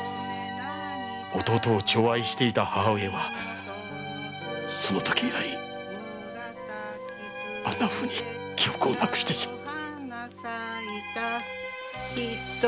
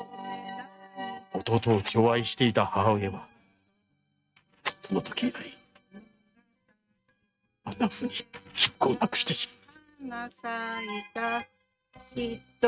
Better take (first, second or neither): first